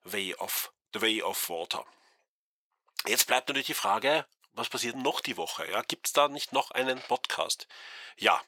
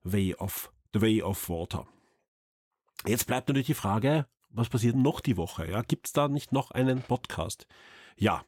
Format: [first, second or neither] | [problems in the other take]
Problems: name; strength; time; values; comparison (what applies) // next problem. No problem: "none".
second | thin; very; fading below 650 Hz